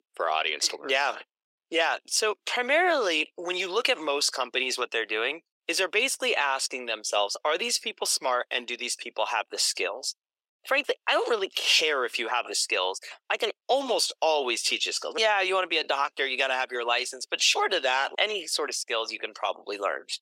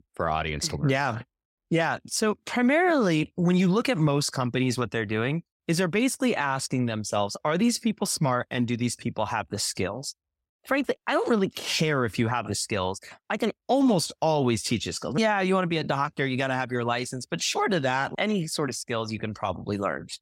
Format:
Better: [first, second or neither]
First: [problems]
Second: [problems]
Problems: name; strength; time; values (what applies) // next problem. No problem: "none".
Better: second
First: thin; very; fading below 400 Hz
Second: none